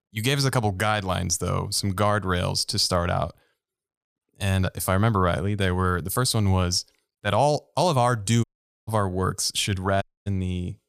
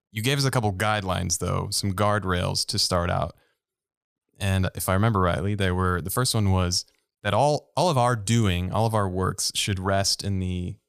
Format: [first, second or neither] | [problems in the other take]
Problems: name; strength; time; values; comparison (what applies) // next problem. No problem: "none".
second | audio cutting out; at 8.5 s and at 10 s